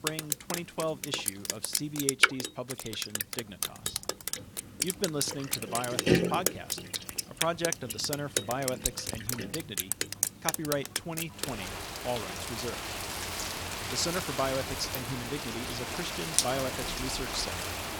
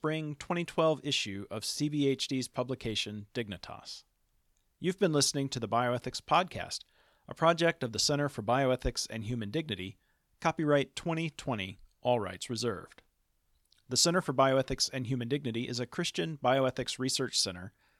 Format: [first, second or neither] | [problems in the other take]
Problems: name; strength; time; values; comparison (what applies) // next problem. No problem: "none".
second | rain or running water; very loud; throughout; 3 dB above the speech